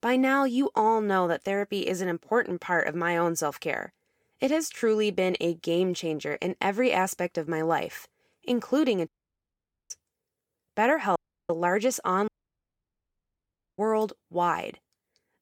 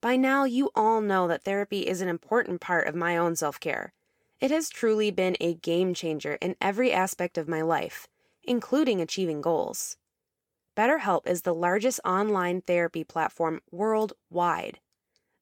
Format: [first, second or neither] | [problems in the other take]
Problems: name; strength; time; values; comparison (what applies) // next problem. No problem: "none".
second | audio cutting out; at 9 s for 1 s, at 11 s and at 12 s for 1.5 s